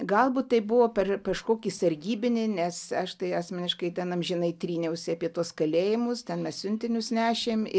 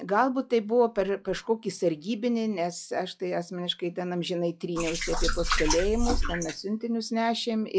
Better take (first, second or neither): first